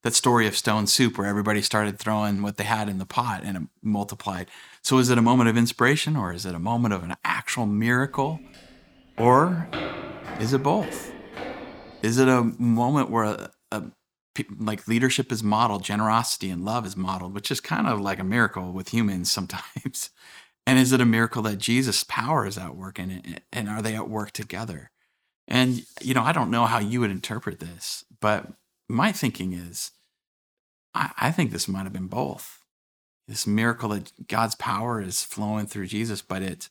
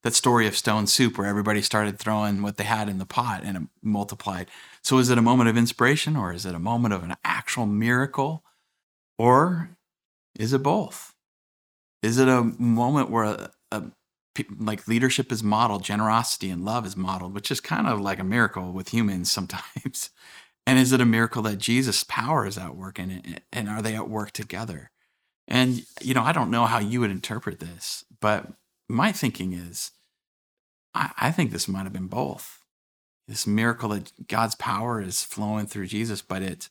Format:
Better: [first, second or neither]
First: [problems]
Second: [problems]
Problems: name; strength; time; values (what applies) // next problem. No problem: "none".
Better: second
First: footsteps; noticeable; from 8 to 12 s; peak 7 dB below the speech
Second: none